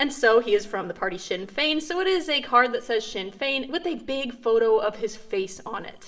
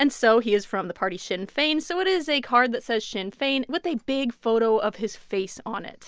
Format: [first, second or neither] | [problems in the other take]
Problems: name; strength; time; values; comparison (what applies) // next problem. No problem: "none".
second | room echo; dies away in 1.3 s